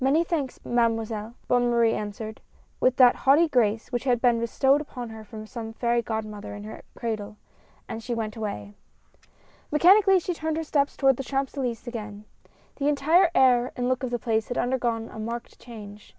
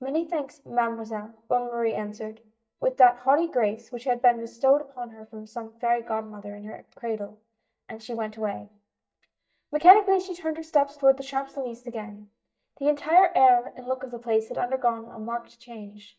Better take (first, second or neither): first